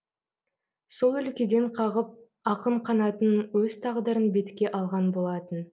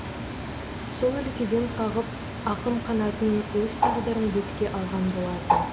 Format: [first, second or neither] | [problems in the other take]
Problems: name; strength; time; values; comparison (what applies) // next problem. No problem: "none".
first | background sound (Bird); 2 dB below the speech